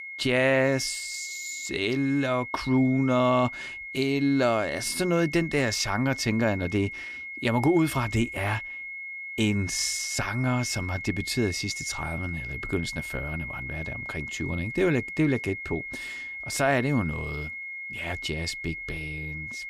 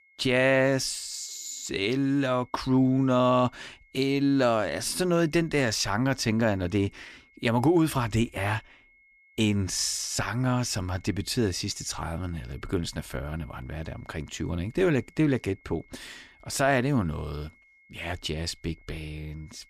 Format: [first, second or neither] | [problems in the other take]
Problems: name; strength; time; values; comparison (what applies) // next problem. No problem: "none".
second | high-pitched whine; loud; throughout; 2 kHz, 8 dB below the speech; faint in the second